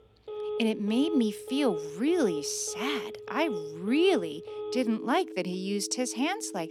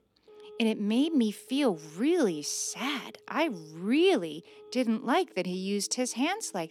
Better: second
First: alarms or sirens; loud; throughout; 9 dB below the speech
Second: alarms or sirens; faint; throughout; 25 dB below the speech

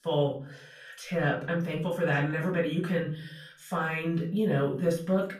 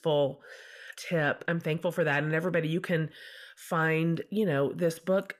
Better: second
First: room echo; slight; dies away in 0.4 s // off-mic speech; far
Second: none

